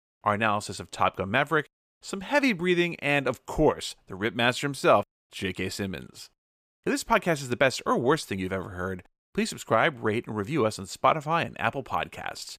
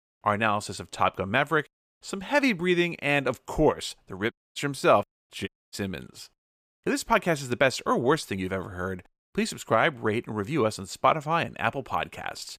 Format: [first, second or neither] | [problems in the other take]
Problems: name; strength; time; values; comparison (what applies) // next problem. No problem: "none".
first | audio cutting out; at 4.5 s and at 5.5 s